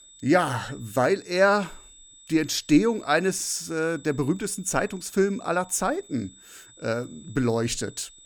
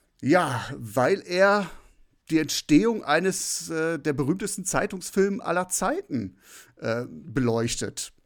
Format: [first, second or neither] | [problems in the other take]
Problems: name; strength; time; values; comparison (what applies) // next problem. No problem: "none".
second | high-pitched whine; faint; throughout; 8 kHz, 25 dB below the speech